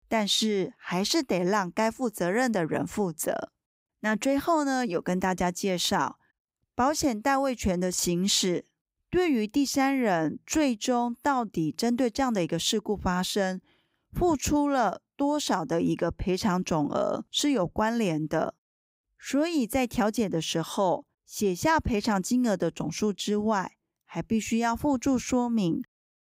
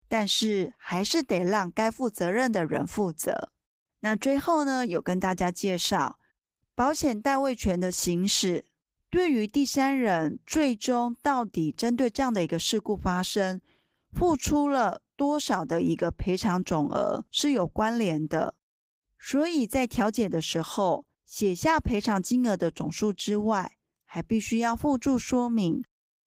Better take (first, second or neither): first